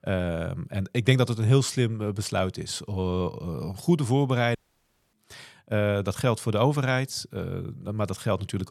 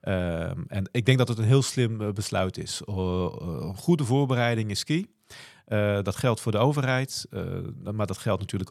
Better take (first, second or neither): second